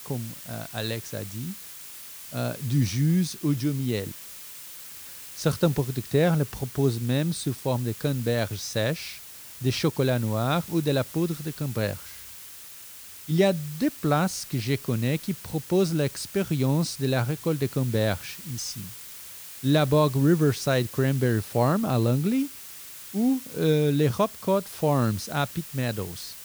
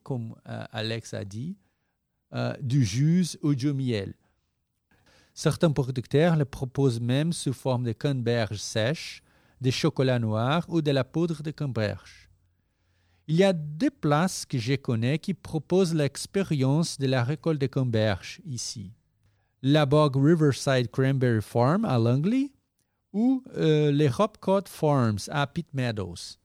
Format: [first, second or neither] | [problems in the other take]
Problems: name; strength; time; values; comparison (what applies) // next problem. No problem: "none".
second | hiss; noticeable; throughout; 15 dB below the speech